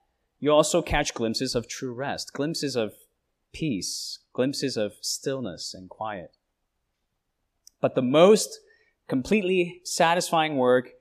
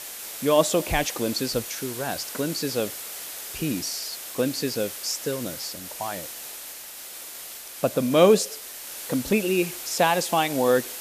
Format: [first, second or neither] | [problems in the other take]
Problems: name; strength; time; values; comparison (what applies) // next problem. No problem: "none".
first | hiss; loud; throughout; 9 dB below the speech